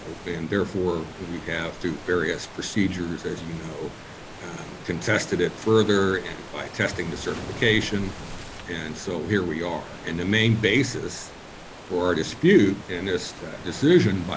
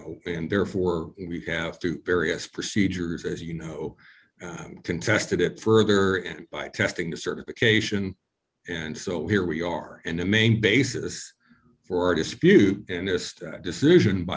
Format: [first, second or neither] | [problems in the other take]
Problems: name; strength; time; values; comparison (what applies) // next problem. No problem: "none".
second | background sound (Waves, surf); 14 dB below the speech